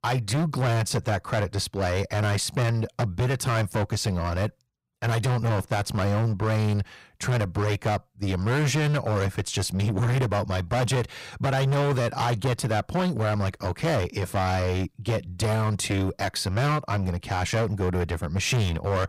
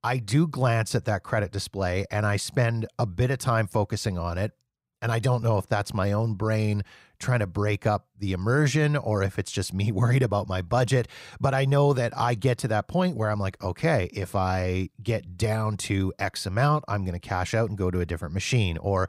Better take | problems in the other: second | distortion; heavy; 22% of the sound clipped

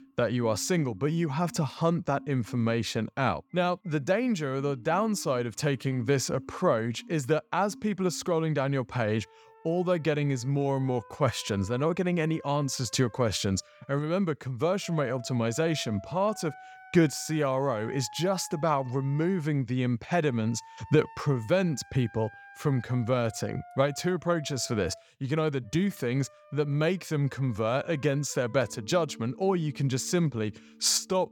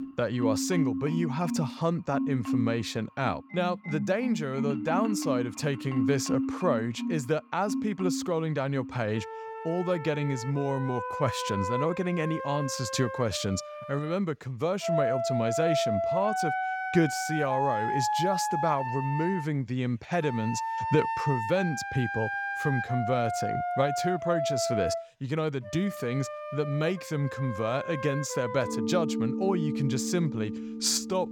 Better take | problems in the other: first | background music; loud; throughout; 3 dB below the speech; faint in the first

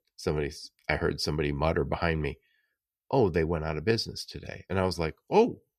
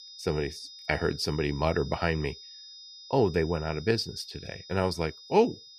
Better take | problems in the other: first | high-pitched whine; noticeable; throughout; 5 kHz, 15 dB below the speech

